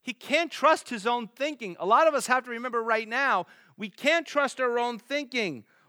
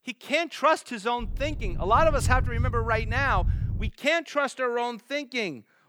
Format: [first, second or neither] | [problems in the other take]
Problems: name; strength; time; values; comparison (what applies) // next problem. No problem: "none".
first | low rumble; faint; from 1 to 4 s; 20 dB below the speech